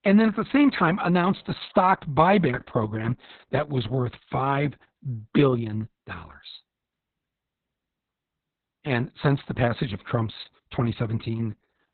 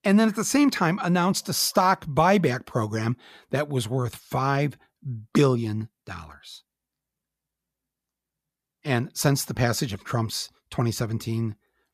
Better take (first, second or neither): second